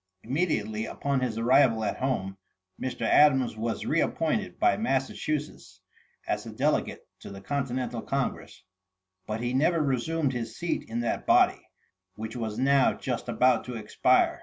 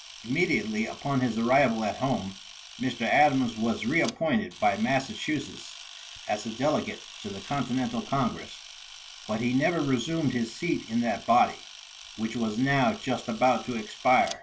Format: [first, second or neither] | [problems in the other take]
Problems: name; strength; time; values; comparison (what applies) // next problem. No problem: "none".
first | background sound (Camera); 17 dB below the speech // room echo; dies away in 0.2 s